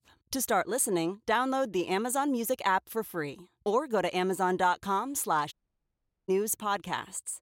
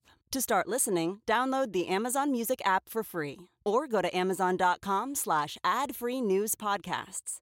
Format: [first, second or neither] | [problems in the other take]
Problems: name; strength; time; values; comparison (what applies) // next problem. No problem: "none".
second | audio cutting out; at 5.5 s for 1 s